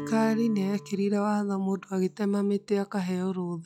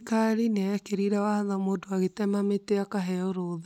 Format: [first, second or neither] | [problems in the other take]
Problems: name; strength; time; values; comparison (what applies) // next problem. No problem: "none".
second | noise reduction (classical method log-MMSE)